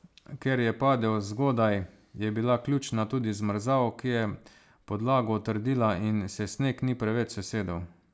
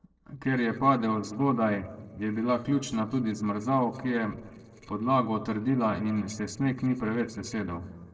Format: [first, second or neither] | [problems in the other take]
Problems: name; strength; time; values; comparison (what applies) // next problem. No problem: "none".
first | noise reduction (neural separator model SepFormer DNS4)